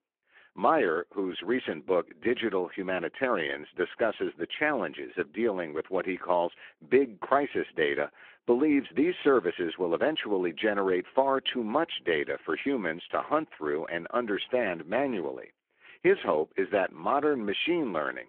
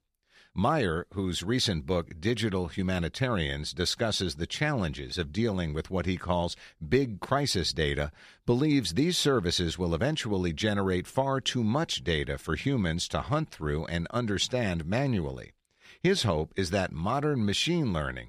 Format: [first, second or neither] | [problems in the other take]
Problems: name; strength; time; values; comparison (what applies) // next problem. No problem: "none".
second | phone-call audio